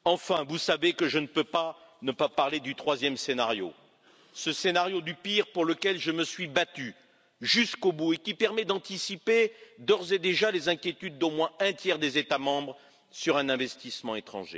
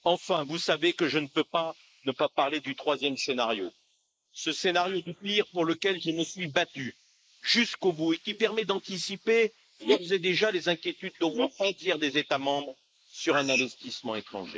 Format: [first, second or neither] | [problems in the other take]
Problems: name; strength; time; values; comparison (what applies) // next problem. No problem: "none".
first | noise reduction (neural mask model Resemble Enhance denoiser)